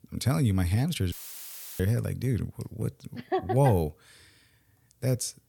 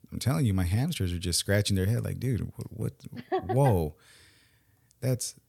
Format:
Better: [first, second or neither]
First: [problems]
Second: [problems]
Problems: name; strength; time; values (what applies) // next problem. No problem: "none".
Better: second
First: audio cutting out; filled with static; at 1 s for 0.5 s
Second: none